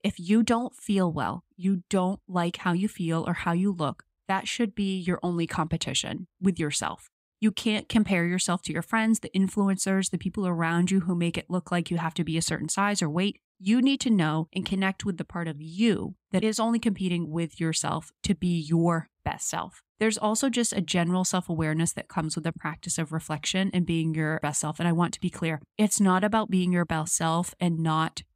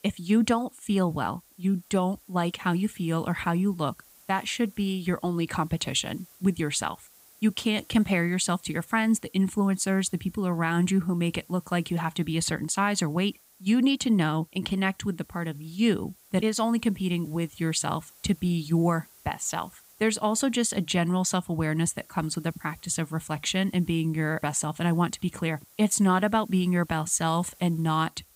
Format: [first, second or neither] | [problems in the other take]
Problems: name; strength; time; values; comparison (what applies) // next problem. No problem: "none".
first | hiss; faint; throughout; 25 dB below the speech